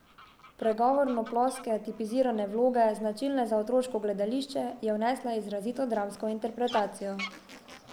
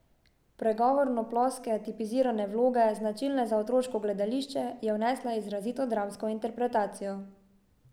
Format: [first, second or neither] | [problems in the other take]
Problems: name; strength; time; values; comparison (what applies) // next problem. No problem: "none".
second | background sound (Fowl); 19 dB below the speech